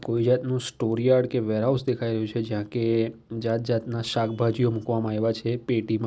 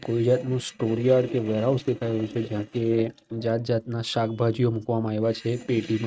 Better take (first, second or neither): first